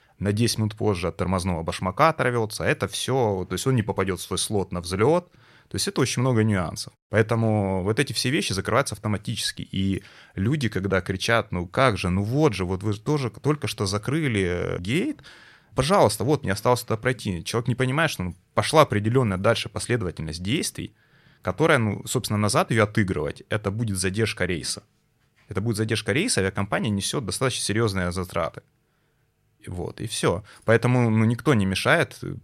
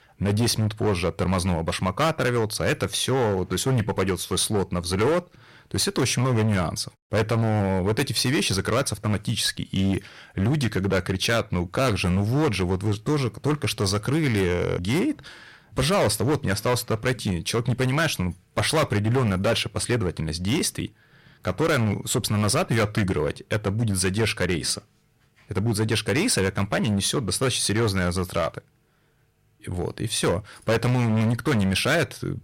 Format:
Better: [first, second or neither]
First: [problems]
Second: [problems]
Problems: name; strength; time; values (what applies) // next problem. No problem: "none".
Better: first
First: none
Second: distortion; heavy; 12% of the sound clipped